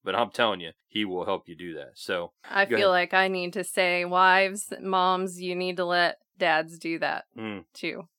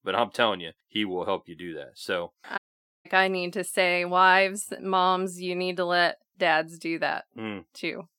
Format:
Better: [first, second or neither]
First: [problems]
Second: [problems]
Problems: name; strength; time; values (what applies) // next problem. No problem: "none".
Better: first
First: none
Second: audio cutting out; at 2.5 s